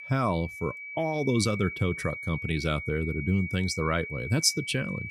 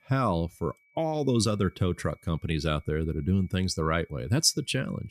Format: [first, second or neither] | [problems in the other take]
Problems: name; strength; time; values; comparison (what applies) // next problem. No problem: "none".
second | high-pitched whine; loud; throughout; 2.5 kHz, 8 dB below the speech; faint in the second